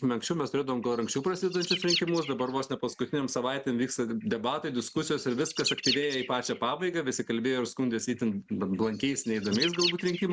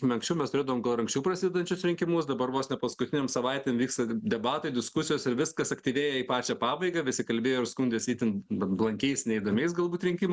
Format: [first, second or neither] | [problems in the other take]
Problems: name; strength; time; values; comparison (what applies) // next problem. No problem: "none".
second | background sound (Bird); 9 dB below the speech